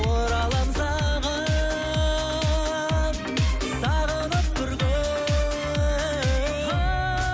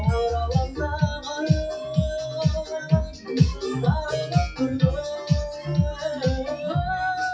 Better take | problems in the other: first | noise reduction (classical method WPE with log-MMSE)

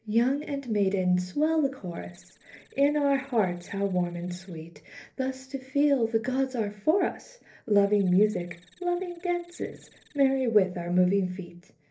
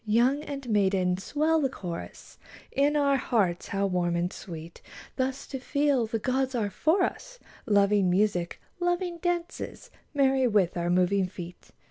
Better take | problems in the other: second | noise reduction (neural separator model SepFormer DNS4)

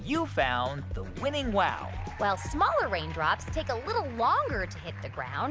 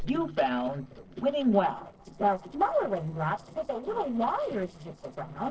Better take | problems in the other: first | noise reduction (neural separator model SepFormer DNS4)

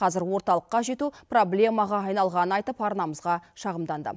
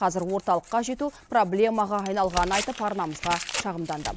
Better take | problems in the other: first | background sound (Tearing); 11 dB below the speech

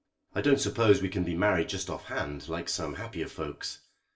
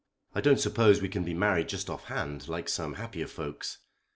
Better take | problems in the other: second | room echo; dies away in 0.2 s

